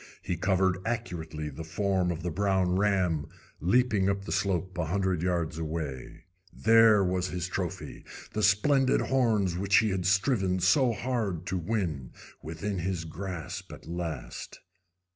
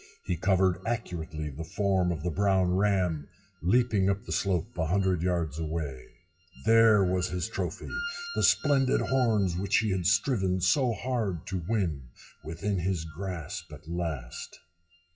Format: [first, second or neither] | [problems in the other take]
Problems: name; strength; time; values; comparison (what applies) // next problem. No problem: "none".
first | noise reduction (classical method WPE with log-MMSE)